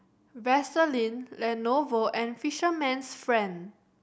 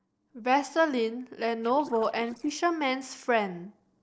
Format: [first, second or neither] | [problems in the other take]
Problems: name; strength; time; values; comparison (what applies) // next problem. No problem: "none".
first | noise reduction (neural separator model SepFormer DNS4)